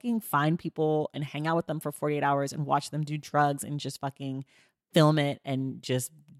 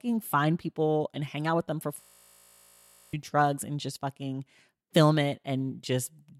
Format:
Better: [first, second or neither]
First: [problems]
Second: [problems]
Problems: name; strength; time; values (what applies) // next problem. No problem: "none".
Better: first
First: none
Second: audio freezing; at 2 s for 1 s